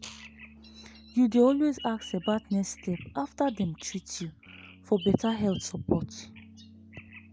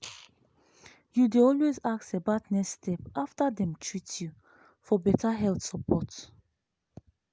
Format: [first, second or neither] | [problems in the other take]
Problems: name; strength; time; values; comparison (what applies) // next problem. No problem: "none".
second | background sound (Piano + Bird vocalization, bird call, bird song); 19 dB below the speech